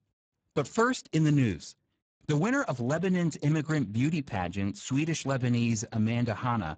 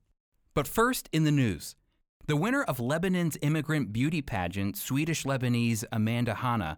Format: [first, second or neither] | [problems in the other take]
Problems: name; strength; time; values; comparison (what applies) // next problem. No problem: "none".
second | garbled, watery; badly; nothing above 7.5 kHz